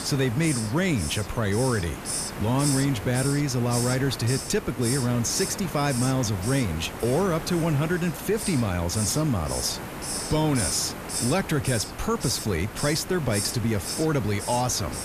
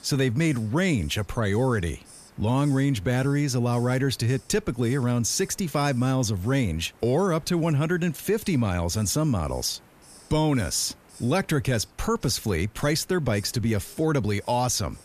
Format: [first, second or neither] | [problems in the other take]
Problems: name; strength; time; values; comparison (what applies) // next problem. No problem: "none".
second | hiss; loud; throughout; 6 dB below the speech; faint in the second